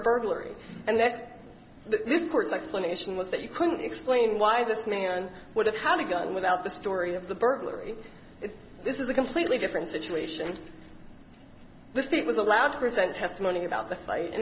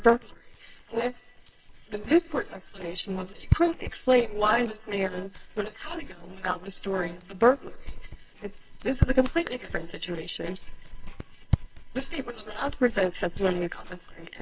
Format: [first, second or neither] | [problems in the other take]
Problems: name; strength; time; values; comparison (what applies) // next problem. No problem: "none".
first | noise reduction (neural separator model SepFormer WHAMR!)